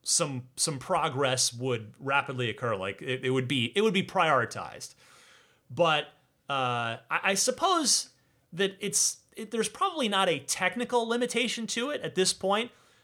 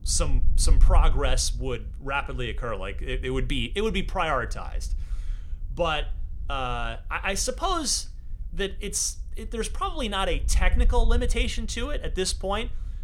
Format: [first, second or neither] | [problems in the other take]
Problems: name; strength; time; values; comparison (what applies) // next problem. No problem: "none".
first | wind noise on the microphone; occasional gusts; 25 dB below the speech